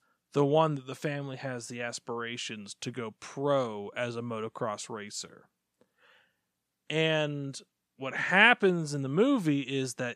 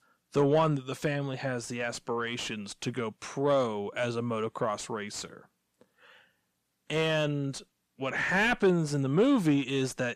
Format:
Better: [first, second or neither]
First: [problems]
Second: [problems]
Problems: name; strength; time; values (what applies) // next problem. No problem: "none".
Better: first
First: none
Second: distortion; heavy; 7 dB below the speech